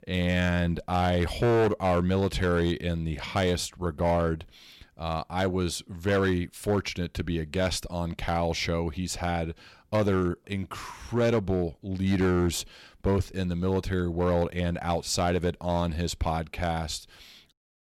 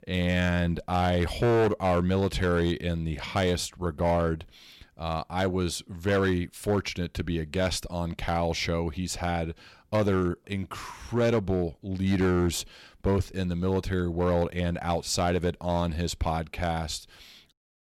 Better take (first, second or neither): neither